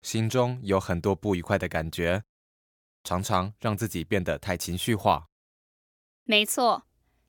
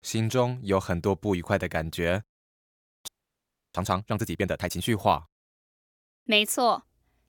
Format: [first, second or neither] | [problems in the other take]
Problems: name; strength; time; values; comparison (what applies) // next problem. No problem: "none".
first | audio freezing; at 3 s for 0.5 s